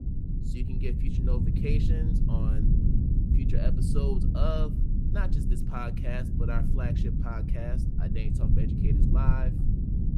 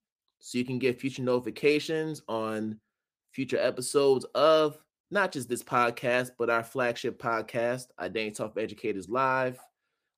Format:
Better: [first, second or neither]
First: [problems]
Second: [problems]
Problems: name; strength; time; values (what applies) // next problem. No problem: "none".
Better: second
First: low rumble; loud; throughout; 1 dB below the speech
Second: none